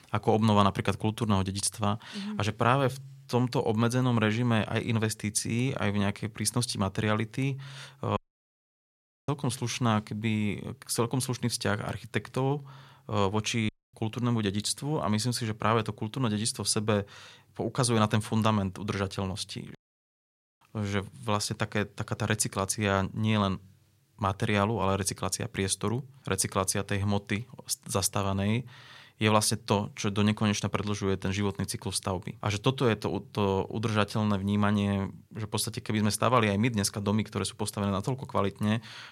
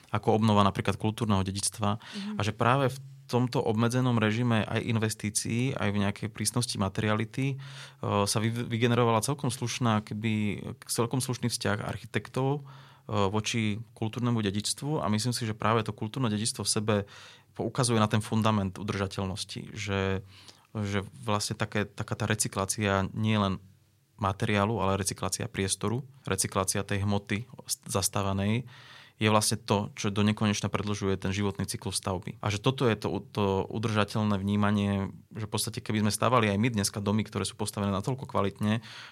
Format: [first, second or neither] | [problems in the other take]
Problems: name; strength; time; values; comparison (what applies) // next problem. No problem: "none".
second | audio cutting out; at 8 s for 1 s, at 14 s and at 20 s for 1 s